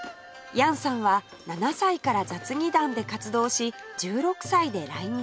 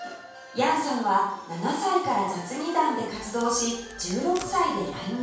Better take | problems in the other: first | background sound (Packing tape, duct tape); 20 dB below the speech // room echo; dies away in 0.7 s

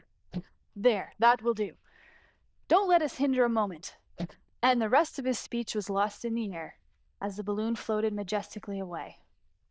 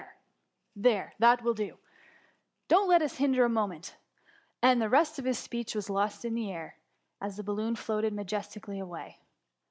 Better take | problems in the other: second | noise reduction (neural diffusion model UNIVERSE++)

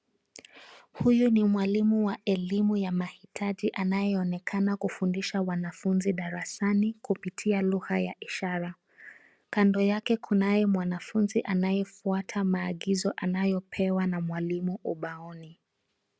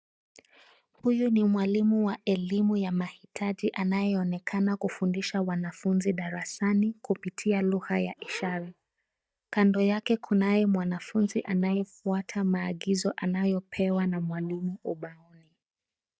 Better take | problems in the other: first | noise reduction (neural mask model DeepFilterNet 3)

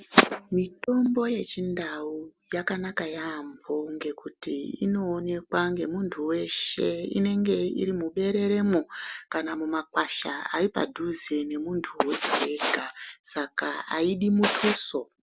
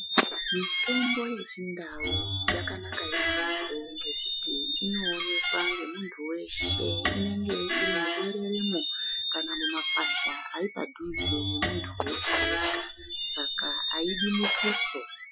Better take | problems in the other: first | noise reduction (classical method Wiener filter)

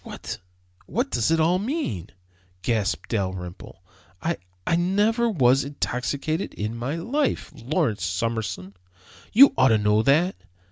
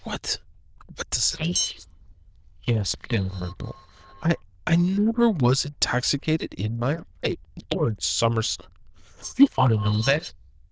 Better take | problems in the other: first | noise reduction (neural diffusion model UNIVERSE++)

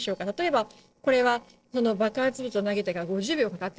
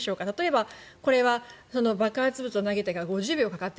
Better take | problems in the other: second | noise reduction (neural separator model SepFormer DNS4)

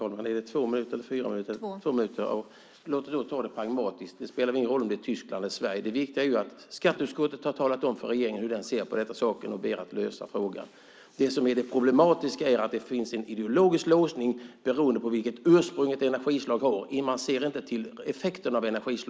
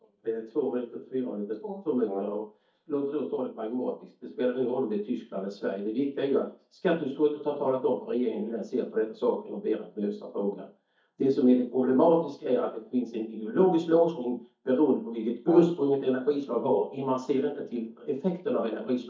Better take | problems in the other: first | noise reduction (neural mask model DeepFilterNet 3)

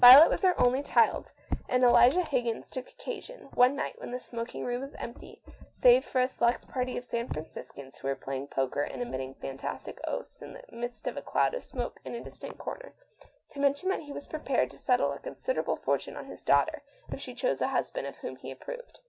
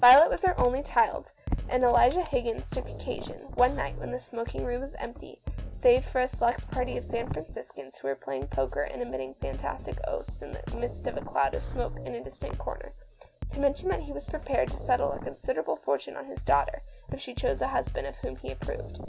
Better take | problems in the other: first | background sound (Drum kit); 9 dB below the speech

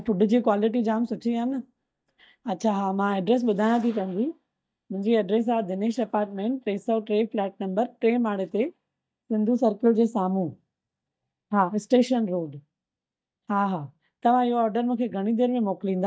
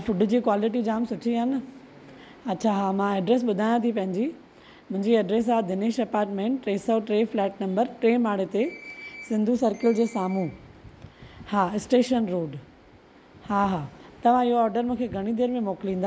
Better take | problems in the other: second | noise reduction (neural mask model DeepFilterNet 3)

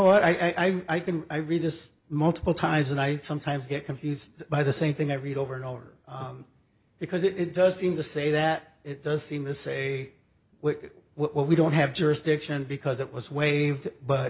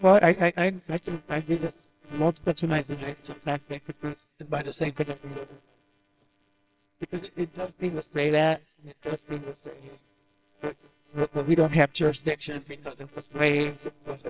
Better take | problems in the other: first | noise reduction (neural separator model SepFormer WHAMR!)

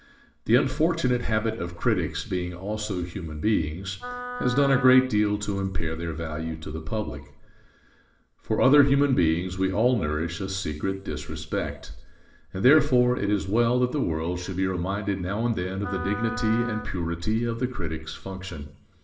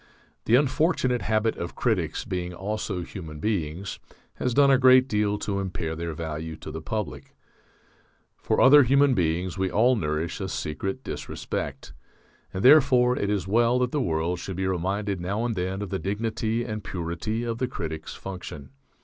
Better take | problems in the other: second | background sound (Wind instrument, woodwind instrument); 11 dB below the speech // room echo; dies away in 0.6 s

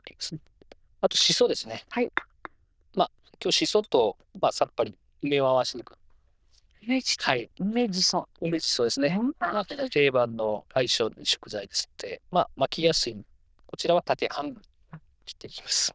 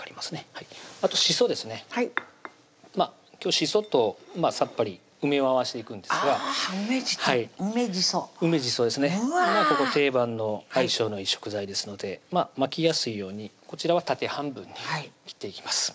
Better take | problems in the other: second | noise reduction (neural diffusion model UNIVERSE++)

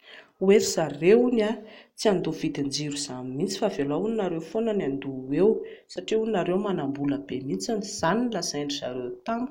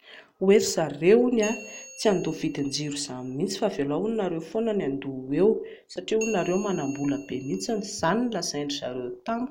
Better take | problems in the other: first | background sound (Bell); 19 dB below the speech

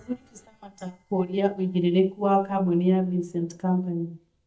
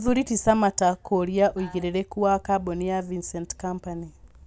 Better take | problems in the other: second | noise reduction (neural mask model DeepFilterNet 3)

